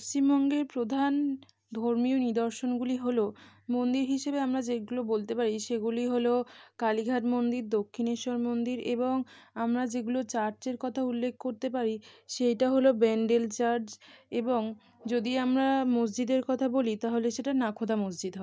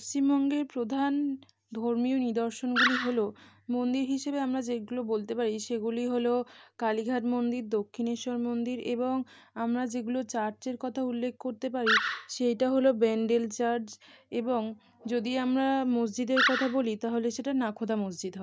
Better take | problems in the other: first | background sound (Animal); as loud as the speech

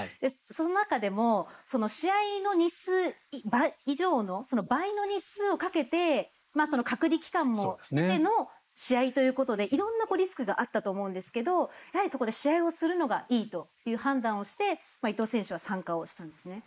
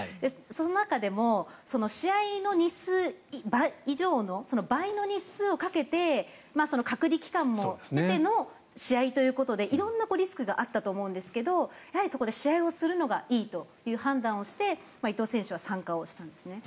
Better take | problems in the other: second | noise reduction (neural mask model Resemble Enhance denoiser)

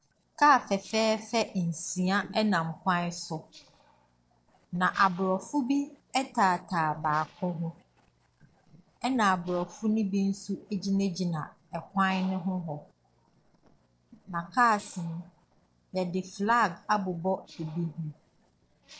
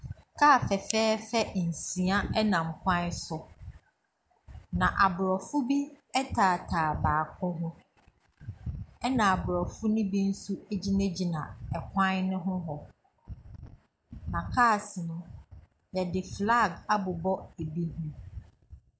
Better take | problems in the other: second | noise reduction (neural separator model SepFormer DNS4)

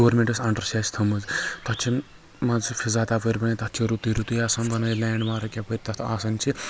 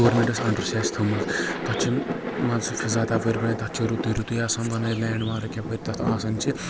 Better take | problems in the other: first | background sound (Thunder); 4 dB below the speech

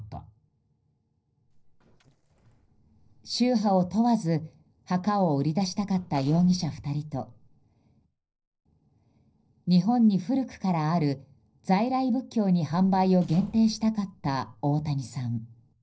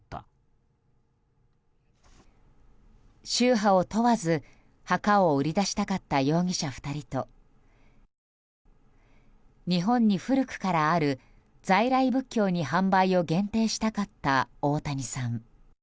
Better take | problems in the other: second | noise reduction (neural separator model SepFormer DNS4)

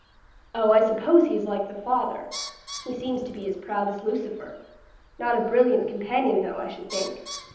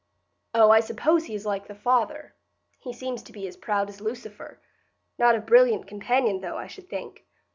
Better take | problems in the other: second | background sound (Bird); 18 dB below the speech // room echo; dies away in 0.9 s

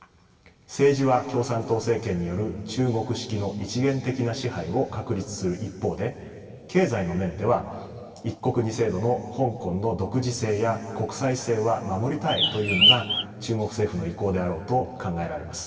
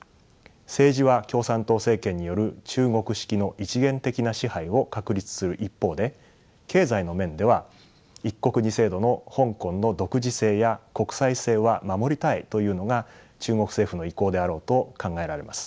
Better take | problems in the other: second | background sound (Bird); 4 dB above the speech // room echo; dies away in 2.4 s

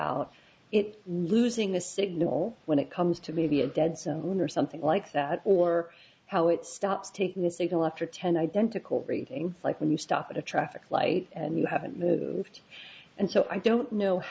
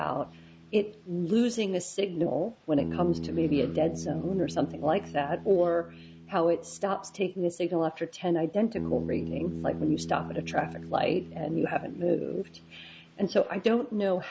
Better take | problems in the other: first | background sound (Bass guitar); 11 dB below the speech

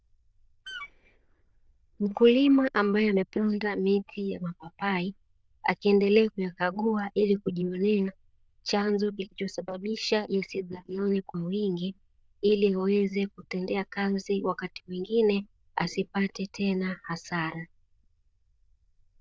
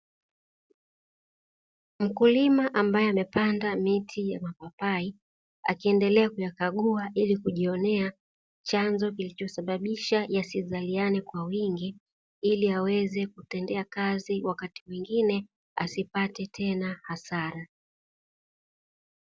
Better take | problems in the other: second | noise reduction (neural diffusion model UNIVERSE++)

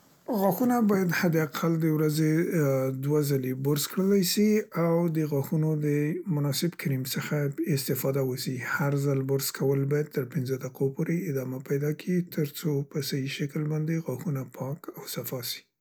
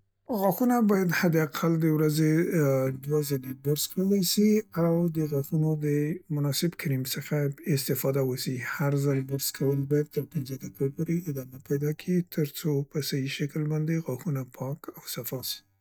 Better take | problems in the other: first | noise reduction (neural mask model DeepFilterNet 3)

